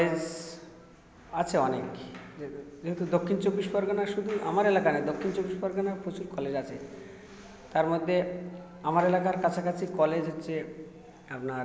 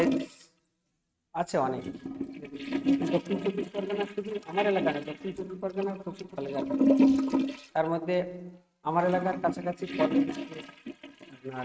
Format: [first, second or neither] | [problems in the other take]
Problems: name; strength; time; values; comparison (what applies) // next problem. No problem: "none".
first | noise reduction (neural mask model RNNoise)